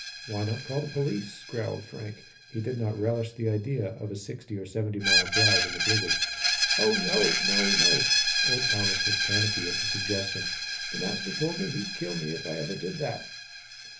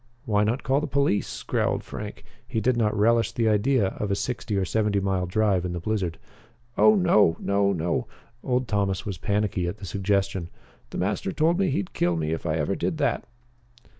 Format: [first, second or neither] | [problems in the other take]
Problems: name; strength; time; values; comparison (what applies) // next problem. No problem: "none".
second | background sound (Screech); 3 dB above the speech // room echo; dies away in 0.3 s